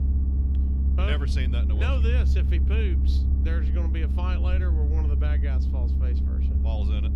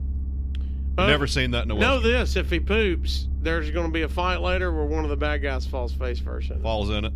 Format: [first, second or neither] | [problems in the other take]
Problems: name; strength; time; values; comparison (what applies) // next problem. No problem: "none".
second | low rumble; loud; throughout; 4 dB below the speech; faint in the second